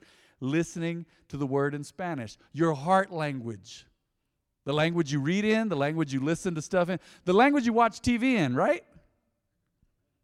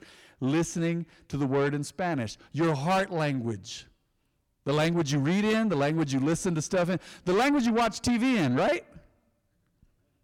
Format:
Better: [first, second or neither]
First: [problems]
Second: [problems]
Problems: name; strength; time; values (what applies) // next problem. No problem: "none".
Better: first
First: none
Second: distortion; heavy; 7 dB below the speech